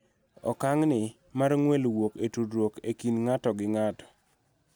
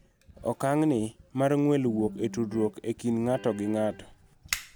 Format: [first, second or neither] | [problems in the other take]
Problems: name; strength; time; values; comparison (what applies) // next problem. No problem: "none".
first | background sound (Electric guitar + Fire); 15 dB below the speech